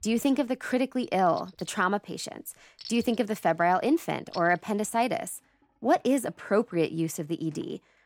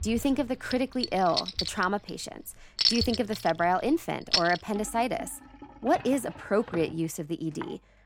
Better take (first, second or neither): first